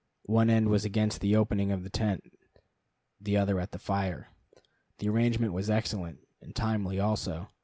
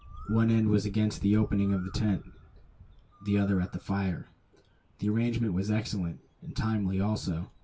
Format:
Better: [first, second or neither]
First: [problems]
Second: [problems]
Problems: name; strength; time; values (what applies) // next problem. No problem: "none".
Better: first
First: none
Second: background sound (Bird); 19 dB below the speech // room echo; dies away in 0.1 s